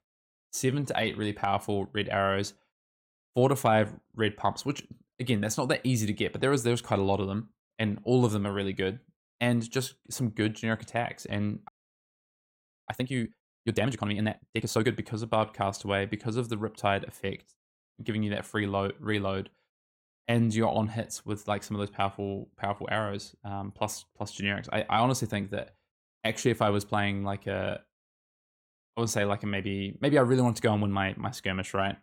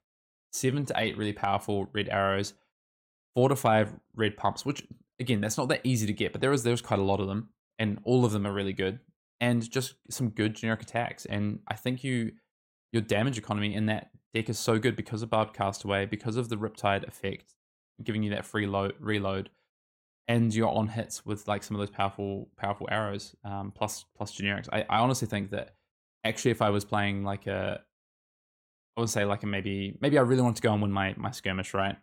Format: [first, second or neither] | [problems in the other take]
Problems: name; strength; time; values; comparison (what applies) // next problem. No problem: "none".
second | audio freezing; at 12 s for 1 s